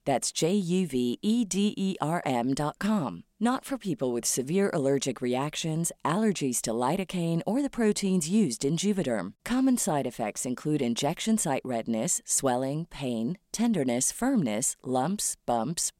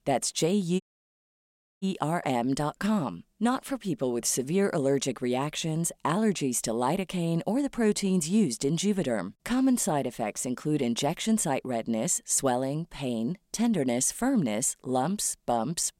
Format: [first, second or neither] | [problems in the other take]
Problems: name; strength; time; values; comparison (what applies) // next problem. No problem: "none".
first | audio cutting out; at 1 s for 1 s